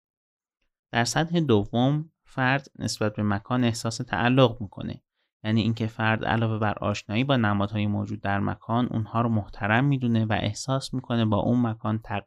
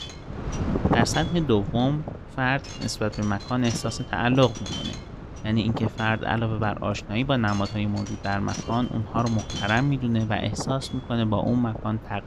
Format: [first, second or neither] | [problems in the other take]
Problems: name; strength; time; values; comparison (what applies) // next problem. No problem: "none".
first | wind noise on the microphone; heavy; 9 dB below the speech